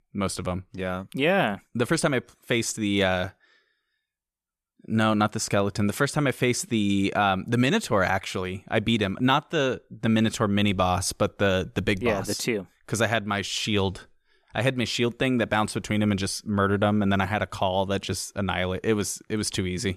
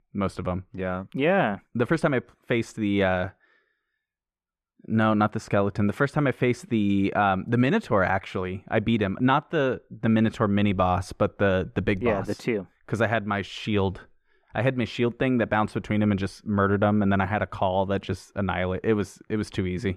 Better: first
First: none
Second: muffled; slightly; fading above 3.5 kHz

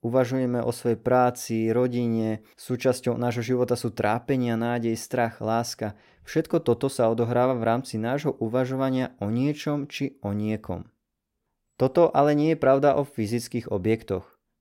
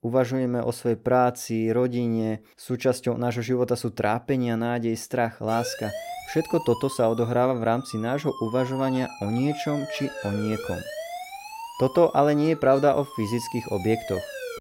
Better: first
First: none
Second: siren; noticeable; from 5.5 s on; peak 9 dB below the speech

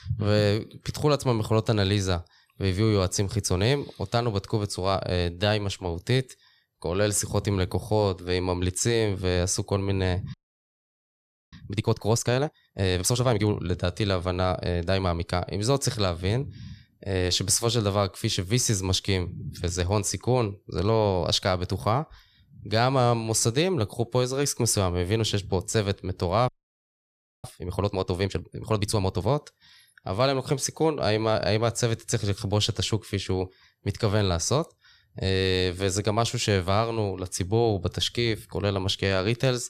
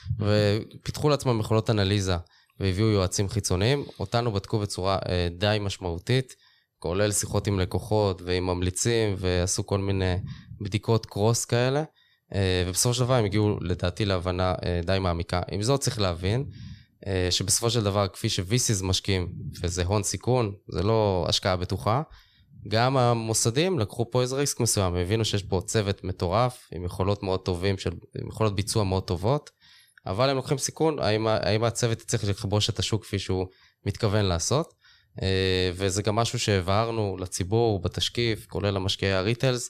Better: second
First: audio freezing; at 10 s for 1 s and at 26 s for 1 s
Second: none

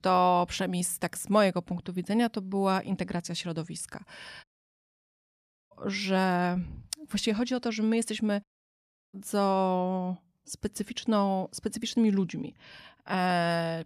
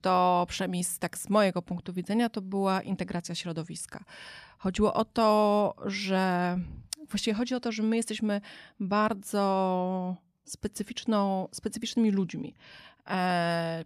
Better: second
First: audio cutting out; at 4.5 s for 1.5 s and at 8.5 s for 0.5 s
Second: none

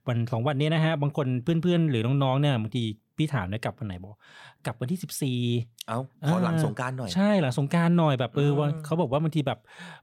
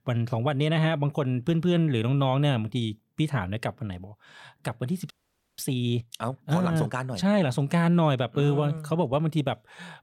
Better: first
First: none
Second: audio freezing; at 5 s

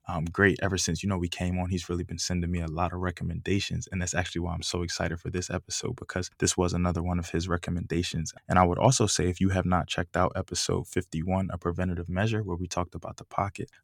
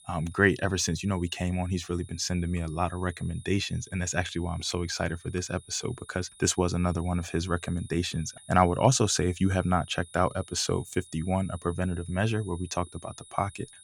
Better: first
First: none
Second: high-pitched whine; faint; throughout; 10 kHz, 20 dB below the speech

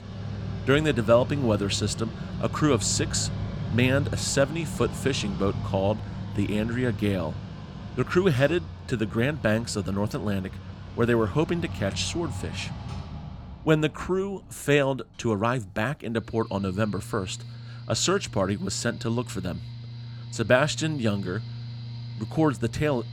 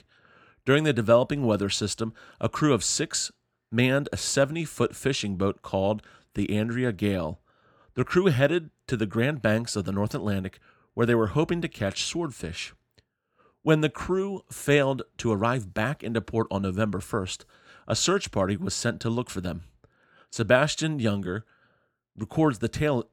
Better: second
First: machinery noise; loud; throughout; 10 dB below the speech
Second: none

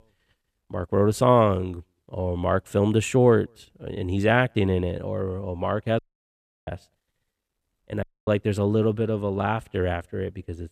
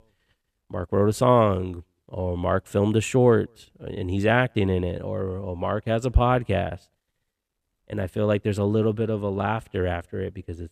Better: second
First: audio cutting out; at 6 s for 0.5 s and at 8 s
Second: none

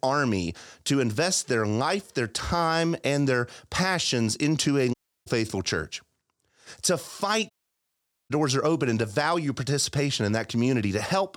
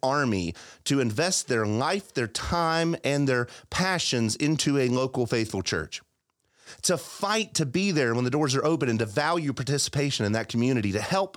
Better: second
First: audio cutting out; at 5 s and at 7.5 s for 1 s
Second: none

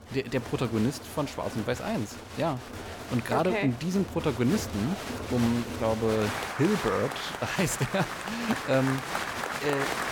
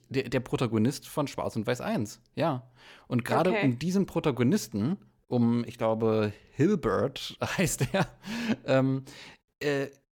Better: second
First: crowd noise; loud; throughout; 6 dB below the speech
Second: none

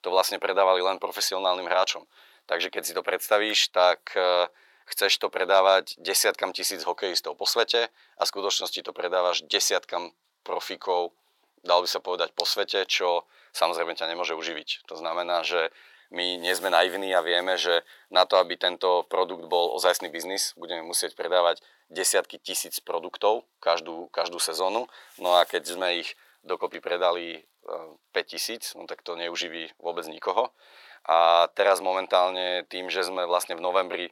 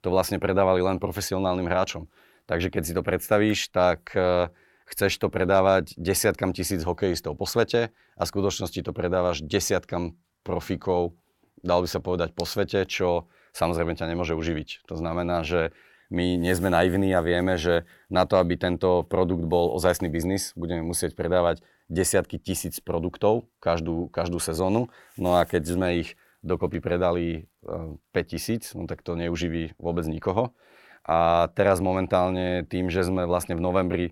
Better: second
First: thin; very; fading below 500 Hz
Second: none

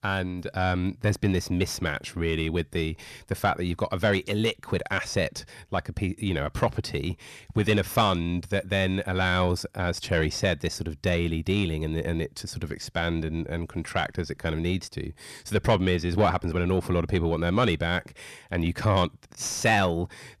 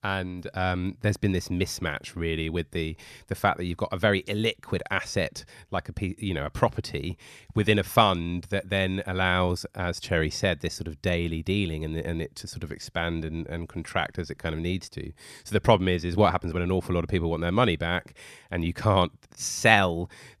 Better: second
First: distortion; slight; 10 dB below the speech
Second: none

